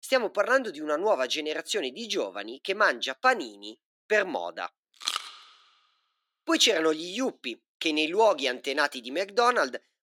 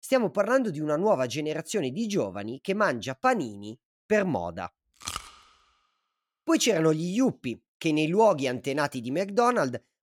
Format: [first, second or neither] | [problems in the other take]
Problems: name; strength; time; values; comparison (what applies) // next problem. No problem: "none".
second | thin; somewhat; fading below 300 Hz